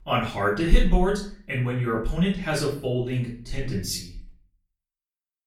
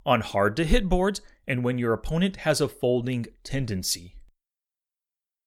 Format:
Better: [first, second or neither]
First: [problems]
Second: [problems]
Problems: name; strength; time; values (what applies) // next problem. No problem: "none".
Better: second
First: off-mic speech; far // room echo; slight; dies away in 0.4 s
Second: none